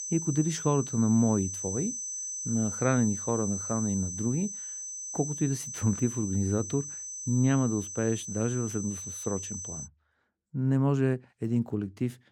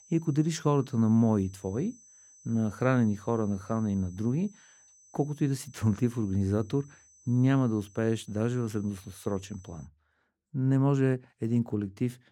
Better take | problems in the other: second | high-pitched whine; loud; until 10 s; 6 kHz, 6 dB below the speech; faint in the second

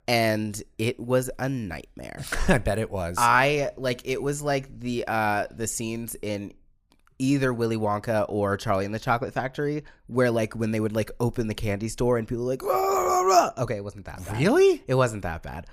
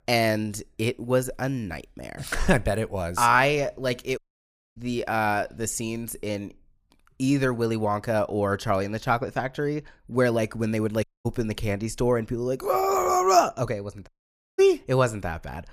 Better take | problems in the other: first | audio cutting out; at 4 s for 0.5 s, at 11 s and at 14 s for 0.5 s

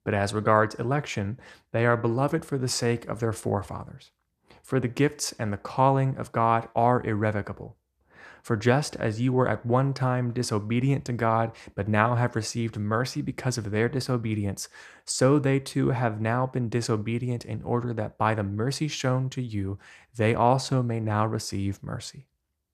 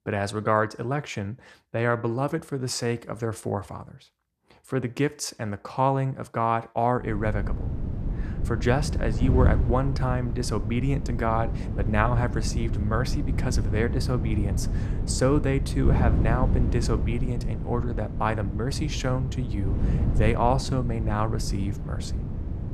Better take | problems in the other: first | wind noise on the microphone; occasional gusts; from 7 s on; 10 dB below the speech

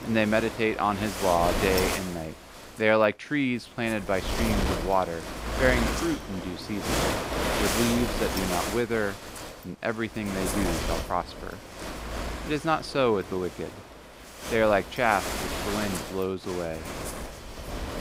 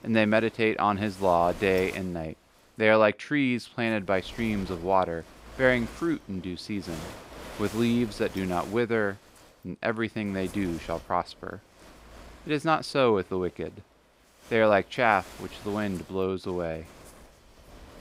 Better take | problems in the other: second | wind noise on the microphone; heavy; 5 dB below the speech; occasional gusts in the second

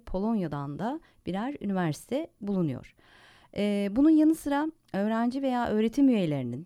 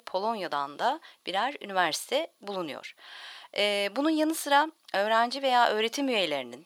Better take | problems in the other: first | thin; very; fading below 800 Hz

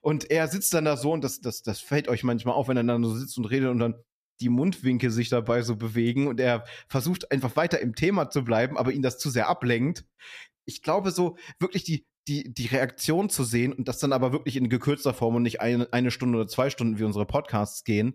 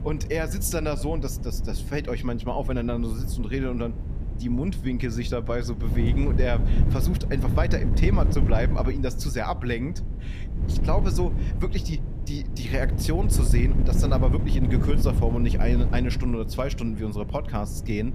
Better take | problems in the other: first | wind noise on the microphone; heavy; 8 dB below the speech

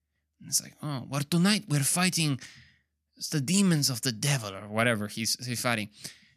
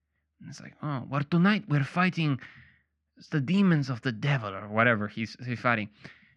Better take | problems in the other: first | muffled; very; fading above 2.5 kHz

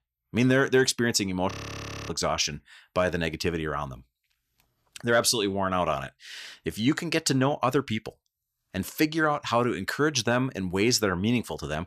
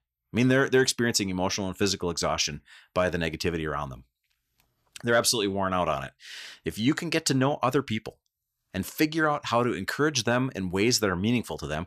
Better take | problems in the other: second | audio freezing; at 1.5 s for 0.5 s

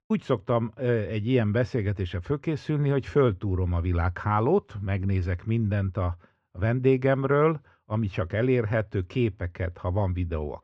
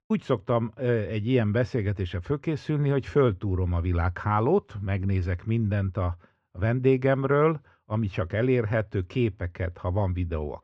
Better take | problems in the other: neither | muffled; very; fading above 2 kHz; the same in both

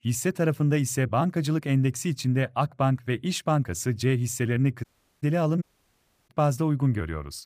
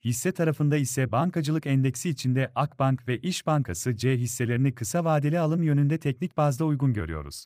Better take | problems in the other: second | audio cutting out; at 5 s and at 5.5 s for 0.5 s

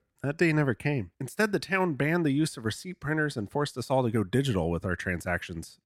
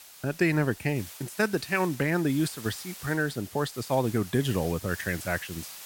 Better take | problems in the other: first | hiss; noticeable; throughout; 15 dB below the speech

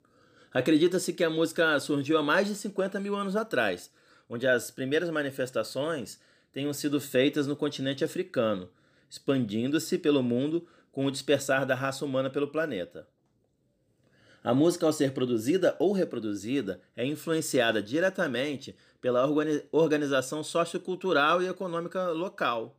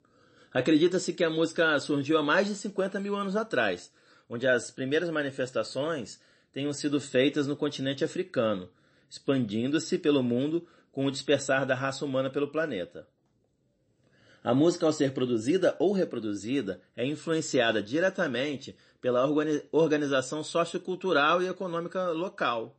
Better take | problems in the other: first | garbled, watery; slightly; nothing above 8 kHz

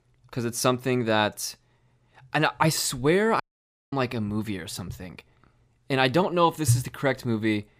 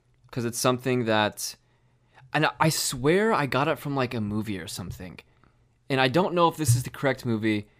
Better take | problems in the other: second | audio cutting out; at 3.5 s for 0.5 s

